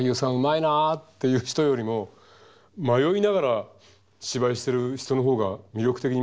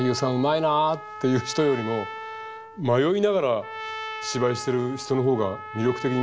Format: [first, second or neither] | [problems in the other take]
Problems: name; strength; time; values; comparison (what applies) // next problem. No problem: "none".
first | background sound (Trumpet); 12 dB below the speech